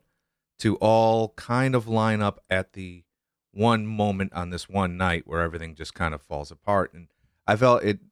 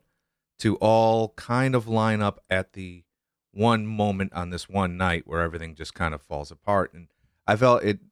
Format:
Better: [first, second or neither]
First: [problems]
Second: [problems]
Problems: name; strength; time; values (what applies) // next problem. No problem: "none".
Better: neither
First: none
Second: none